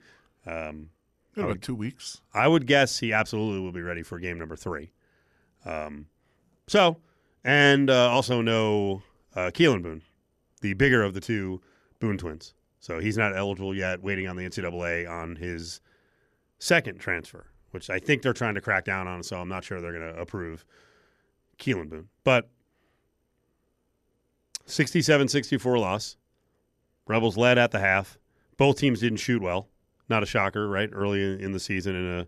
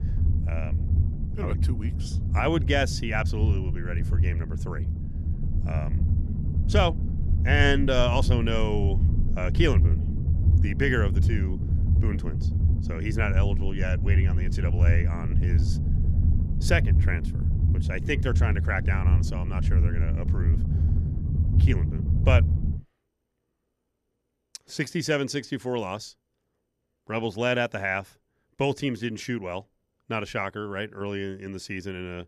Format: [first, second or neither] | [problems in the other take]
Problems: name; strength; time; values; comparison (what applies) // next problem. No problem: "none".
first | low rumble; noticeable; until 23 s; 10 dB below the speech